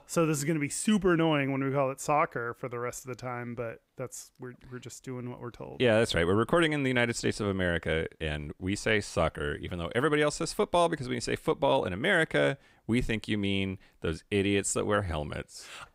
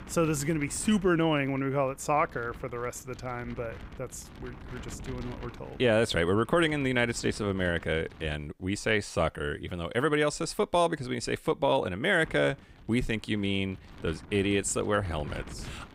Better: first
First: none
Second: wind noise on the microphone; occasional gusts; until 8.5 s and from 12 s on; 20 dB below the speech

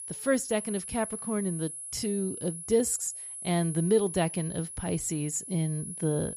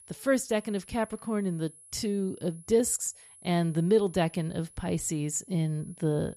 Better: second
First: high-pitched whine; loud; throughout; 10.5 kHz, 7 dB below the speech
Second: high-pitched whine; faint; throughout; 10.5 kHz, 20 dB below the speech

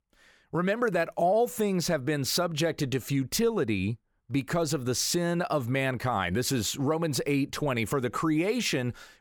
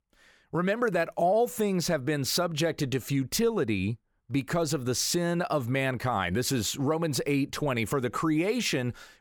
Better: neither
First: none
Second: none

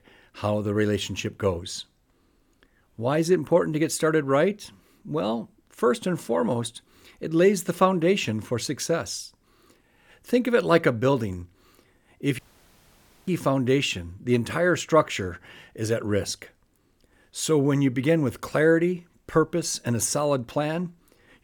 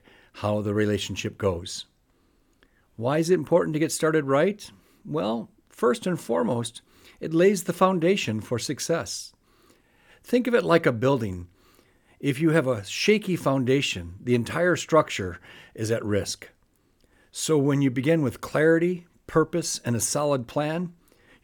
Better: second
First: audio cutting out; at 12 s for 1 s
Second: none

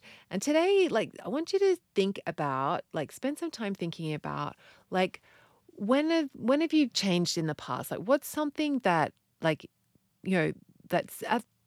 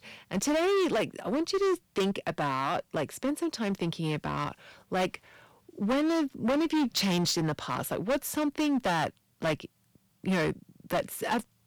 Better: first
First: none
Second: distortion; heavy; 14% of the sound clipped

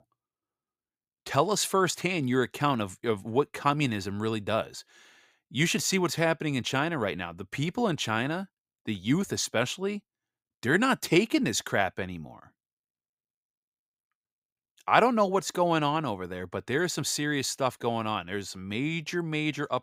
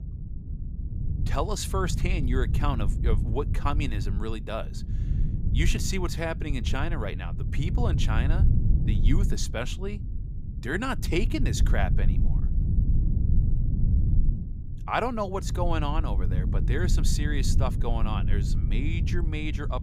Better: first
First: none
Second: low rumble; loud; throughout; 10 dB below the speech

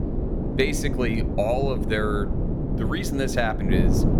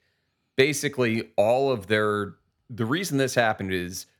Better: second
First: wind noise on the microphone; heavy; 6 dB below the speech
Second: none

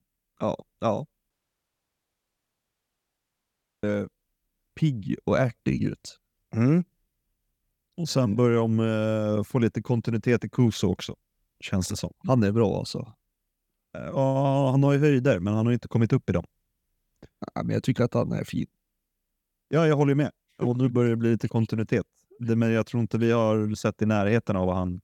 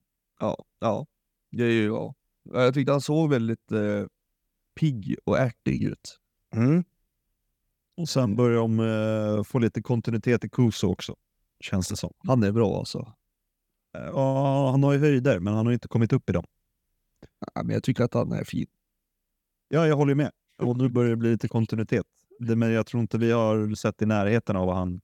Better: second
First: audio cutting out; at 1.5 s for 2.5 s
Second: none

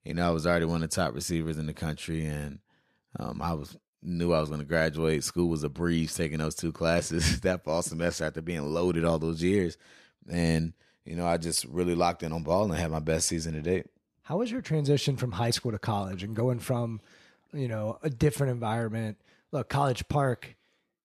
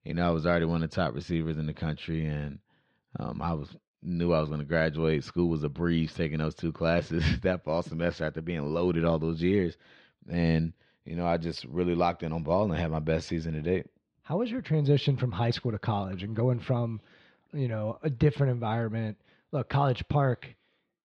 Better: first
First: none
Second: muffled; slightly; fading above 3.5 kHz

